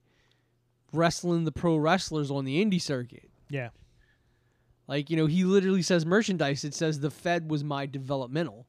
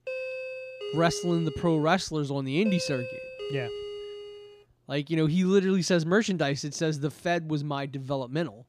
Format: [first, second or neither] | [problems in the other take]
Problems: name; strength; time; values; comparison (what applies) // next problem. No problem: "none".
first | doorbell; noticeable; until 4.5 s; peak 7 dB below the speech